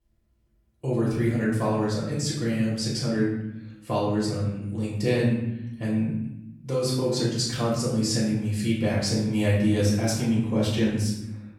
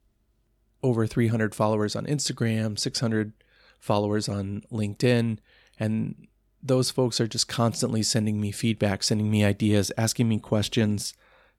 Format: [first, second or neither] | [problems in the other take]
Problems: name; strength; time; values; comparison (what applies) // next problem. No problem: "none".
second | off-mic speech; far // room echo; noticeable; dies away in 0.8 s